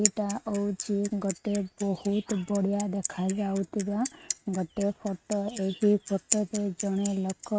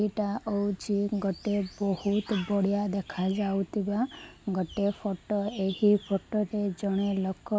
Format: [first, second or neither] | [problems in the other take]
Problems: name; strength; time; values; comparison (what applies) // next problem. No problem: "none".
second | noise reduction (neural mask model RNNoise)